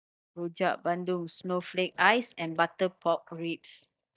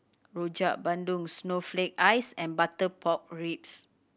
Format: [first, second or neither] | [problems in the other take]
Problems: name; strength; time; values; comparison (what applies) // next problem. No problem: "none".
second | noise reduction (neural mask model DeepFilterNet 3)